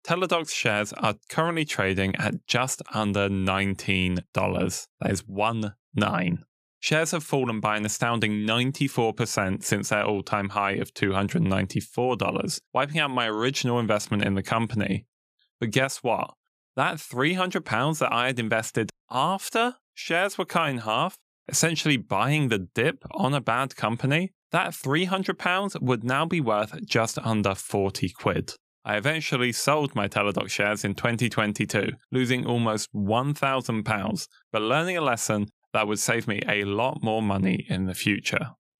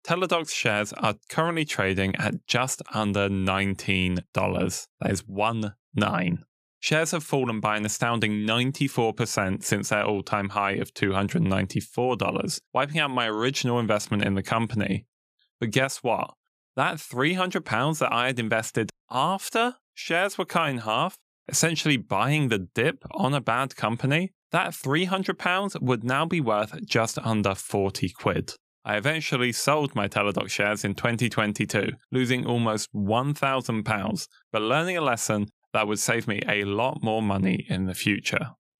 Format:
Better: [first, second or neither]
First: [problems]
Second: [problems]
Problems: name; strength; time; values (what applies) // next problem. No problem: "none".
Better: neither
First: none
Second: none